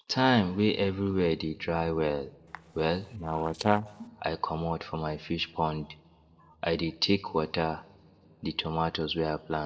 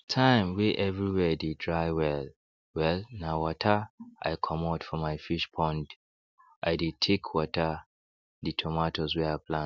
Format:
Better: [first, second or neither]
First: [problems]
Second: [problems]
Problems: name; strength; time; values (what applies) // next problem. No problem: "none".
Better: second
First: noise reduction (neural separator model SepFormer DNS4)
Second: none